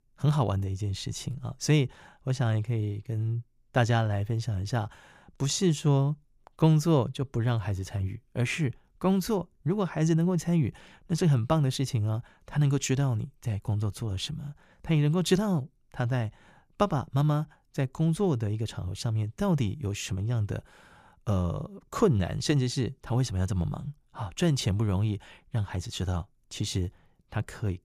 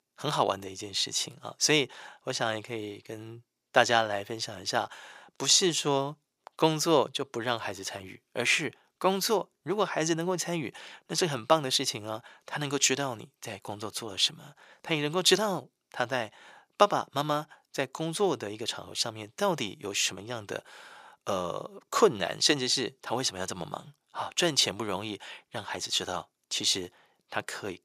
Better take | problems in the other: first | thin; very; fading below 450 Hz

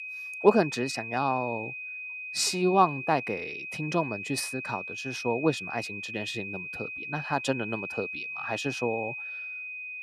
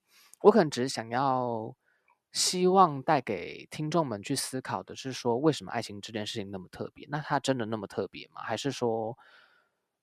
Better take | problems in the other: second | high-pitched whine; loud; throughout; 2.5 kHz, 6 dB below the speech

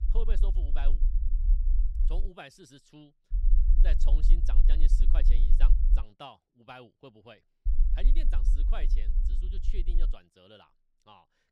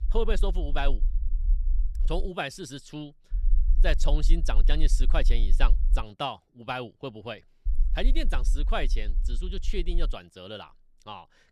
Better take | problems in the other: second | low rumble; loud; until 2.5 s, from 3.5 to 6 s and from 7.5 to 10 s; 7 dB below the speech; faint in the second

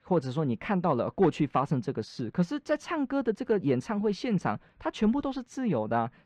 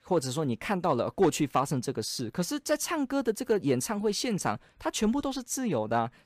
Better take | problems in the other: second | muffled; slightly; fading above 2.5 kHz

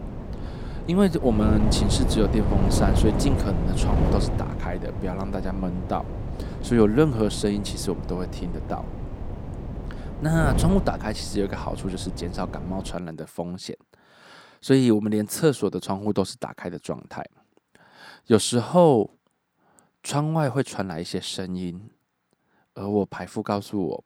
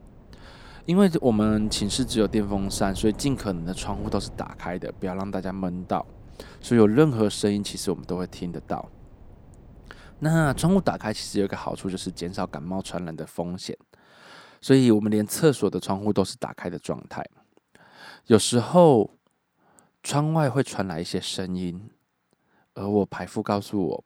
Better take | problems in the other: second | wind noise on the microphone; heavy; until 13 s; 8 dB below the speech; occasional gusts in the second

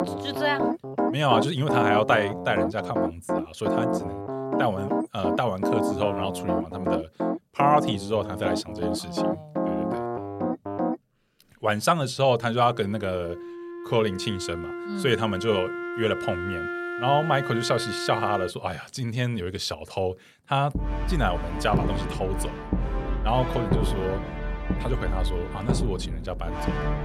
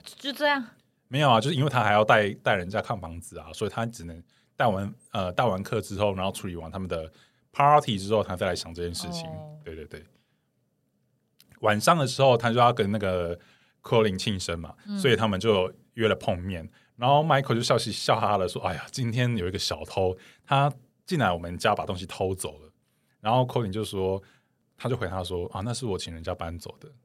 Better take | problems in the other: second | background music; loud; throughout; 2 dB below the speech

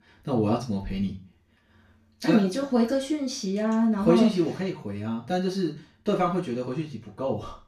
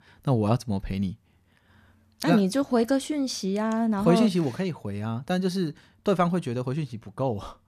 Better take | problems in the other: second | room echo; slight; dies away in 0.3 s // off-mic speech; far

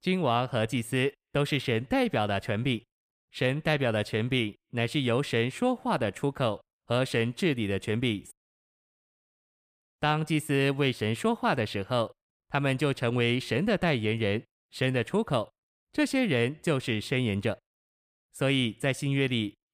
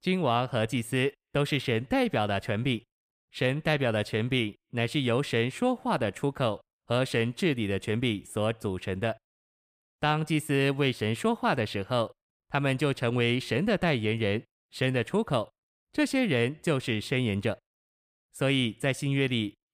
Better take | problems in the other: second | audio cutting out; at 8.5 s for 1 s

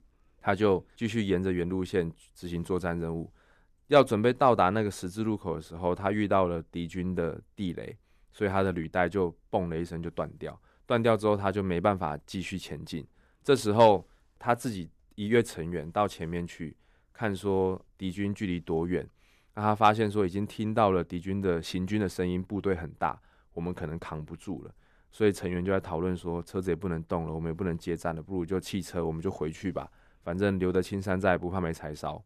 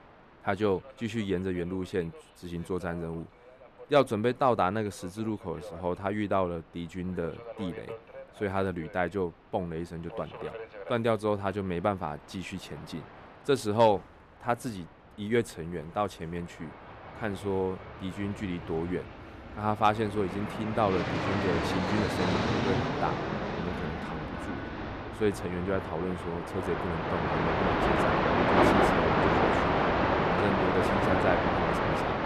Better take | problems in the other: first | train or aircraft noise; very loud; throughout; 3 dB above the speech

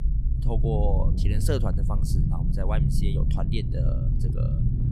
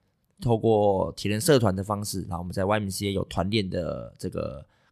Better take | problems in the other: second | low rumble; loud; throughout; 3 dB below the speech

